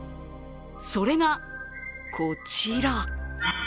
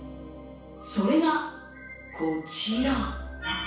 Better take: first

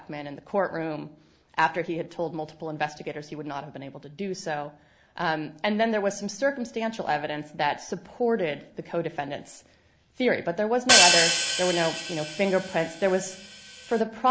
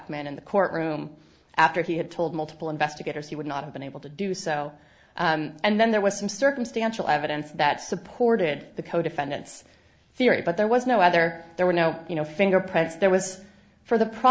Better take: second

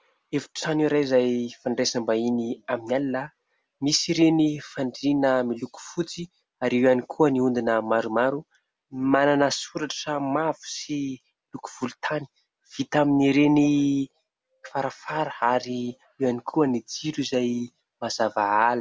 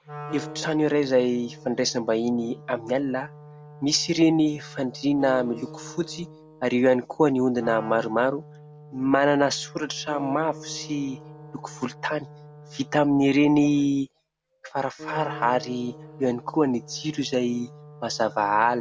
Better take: first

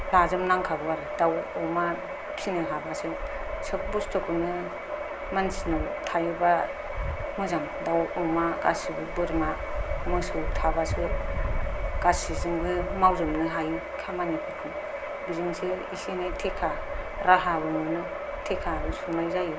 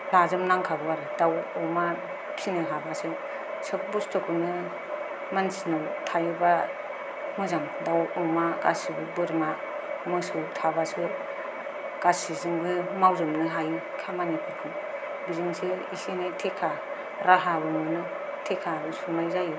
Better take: second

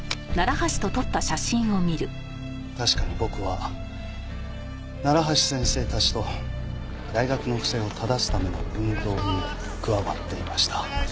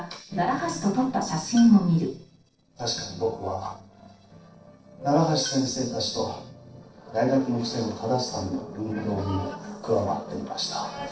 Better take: first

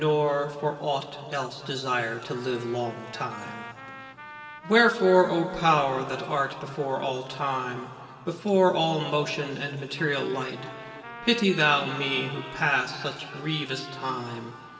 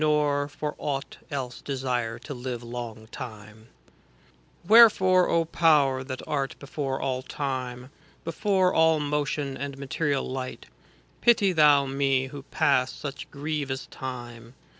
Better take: second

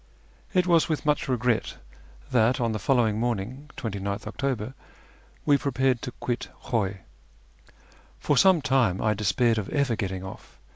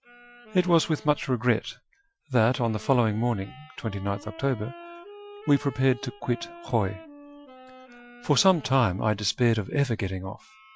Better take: first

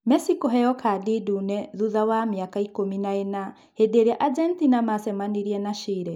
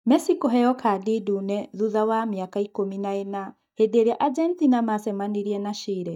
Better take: first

